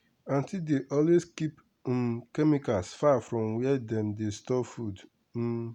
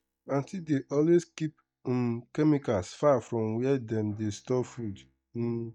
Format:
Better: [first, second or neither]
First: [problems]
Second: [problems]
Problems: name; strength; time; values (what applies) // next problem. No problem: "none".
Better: first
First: none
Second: noise reduction (neural mask model DeepFilterNet 3)